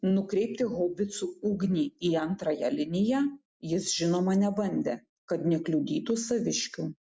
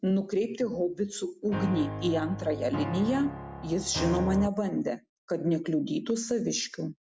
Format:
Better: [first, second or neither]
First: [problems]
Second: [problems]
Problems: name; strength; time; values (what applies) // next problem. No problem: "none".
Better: first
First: none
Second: background sound (Piano); 6 dB below the speech